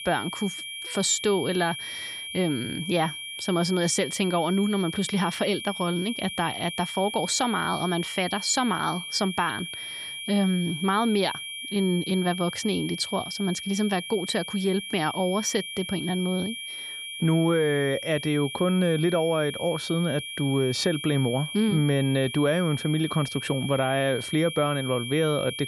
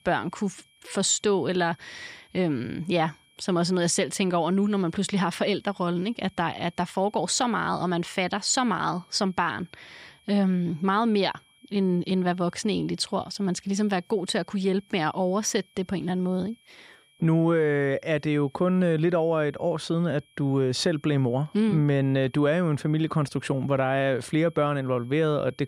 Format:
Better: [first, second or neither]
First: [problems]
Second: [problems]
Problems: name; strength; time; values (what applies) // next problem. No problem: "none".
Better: second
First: high-pitched whine; loud; throughout; 3 kHz, 8 dB below the speech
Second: high-pitched whine; faint; throughout; 3 kHz, 35 dB below the speech